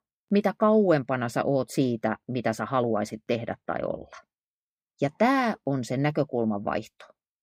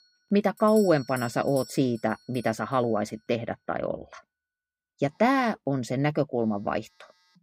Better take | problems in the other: first | alarms or sirens; noticeable; throughout; 20 dB below the speech

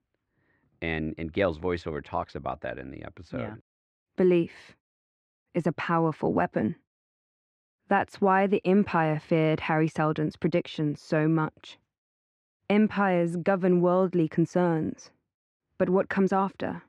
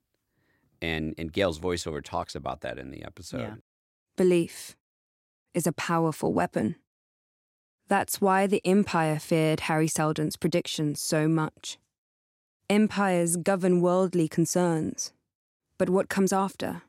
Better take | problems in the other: second | muffled; very; fading above 2 kHz

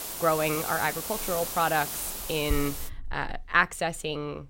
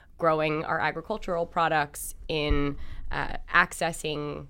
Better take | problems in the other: second | hiss; loud; until 3 s; 5 dB below the speech

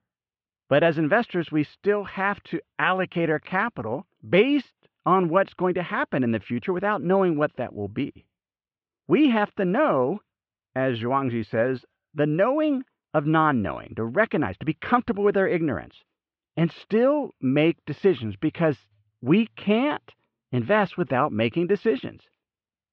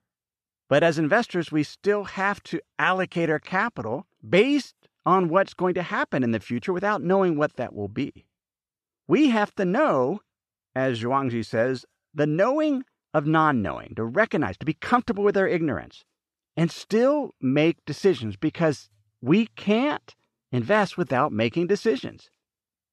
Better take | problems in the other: second | muffled; slightly; fading above 3 kHz

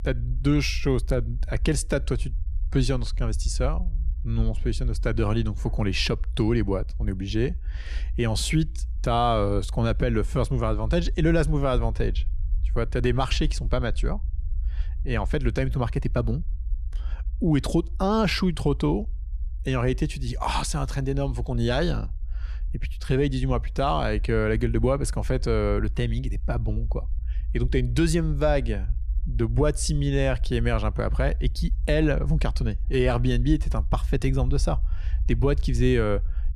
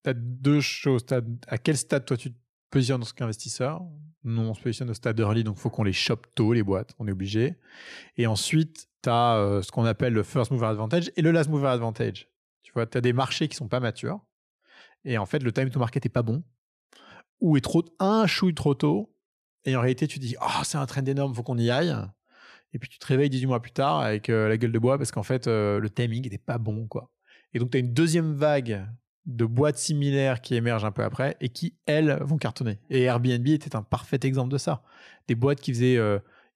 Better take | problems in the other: second | low rumble; faint; throughout; 25 dB below the speech

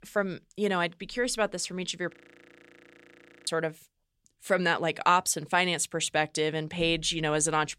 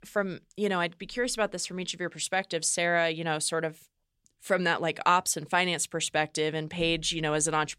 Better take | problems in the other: second | audio freezing; at 2 s for 1.5 s

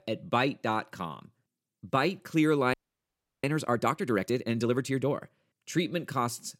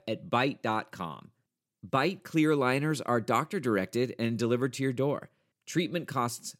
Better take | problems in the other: second | audio freezing; at 2.5 s for 0.5 s

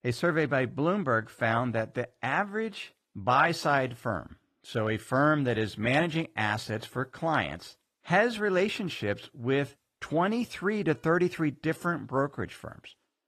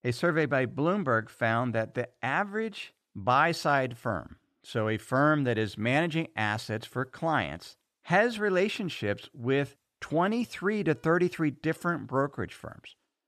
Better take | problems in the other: second | garbled, watery; slightly; nothing above 14.5 kHz

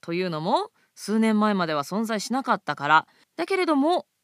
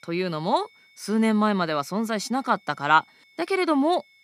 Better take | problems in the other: first | high-pitched whine; faint; throughout; 2 kHz, 30 dB below the speech

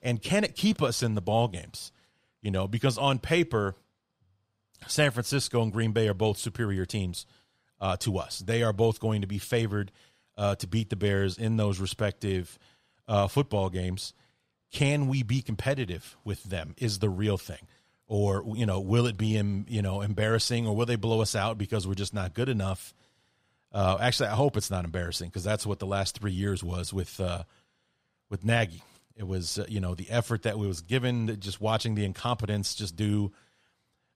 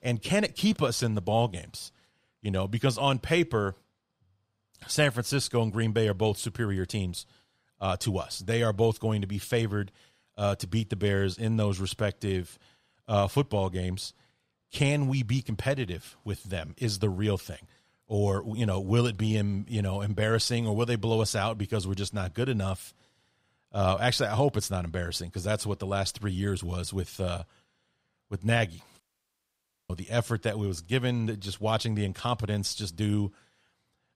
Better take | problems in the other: first | audio cutting out; at 29 s for 1 s

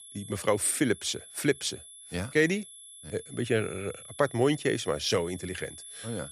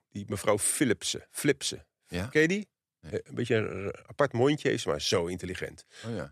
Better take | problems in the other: second | high-pitched whine; noticeable; throughout; 11 kHz, 15 dB below the speech

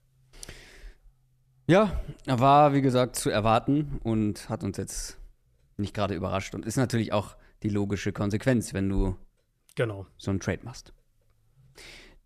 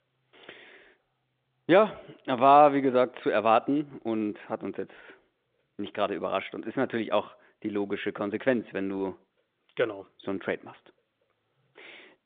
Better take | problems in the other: first | phone-call audio; nothing above 3.5 kHz

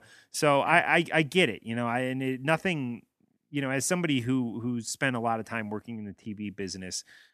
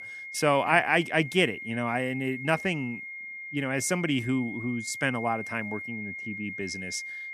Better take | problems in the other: first | high-pitched whine; loud; throughout; 2 kHz, 9 dB below the speech

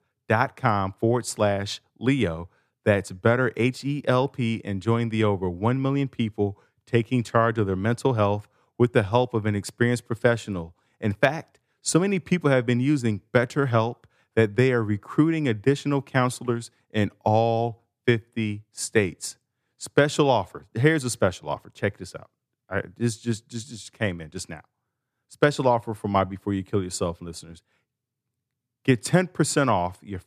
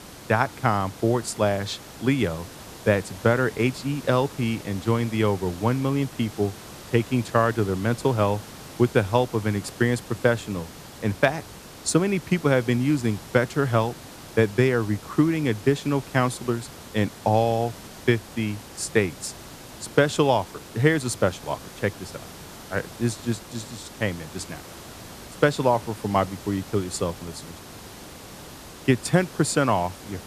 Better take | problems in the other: first | hiss; noticeable; throughout; 15 dB below the speech

